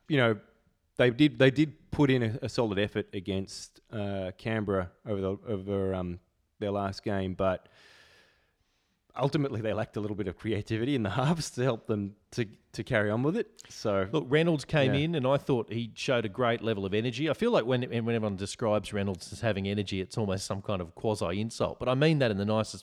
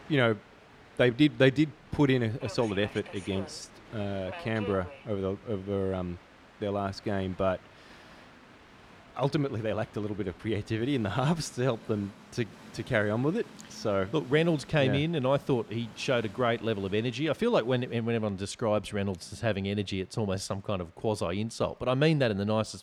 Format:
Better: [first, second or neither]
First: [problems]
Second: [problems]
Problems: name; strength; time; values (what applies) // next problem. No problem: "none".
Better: first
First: none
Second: train or aircraft noise; noticeable; throughout; 20 dB below the speech